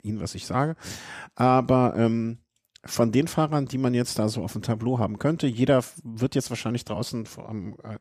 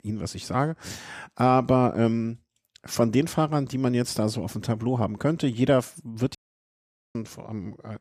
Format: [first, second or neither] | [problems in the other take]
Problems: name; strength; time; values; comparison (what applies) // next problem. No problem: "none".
first | audio cutting out; at 6.5 s for 1 s